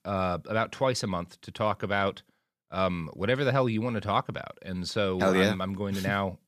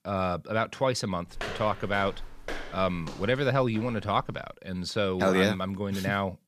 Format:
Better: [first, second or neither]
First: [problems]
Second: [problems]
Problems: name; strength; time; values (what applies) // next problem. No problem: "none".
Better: first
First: none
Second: footsteps; noticeable; from 1.5 to 4.5 s; peak 8 dB below the speech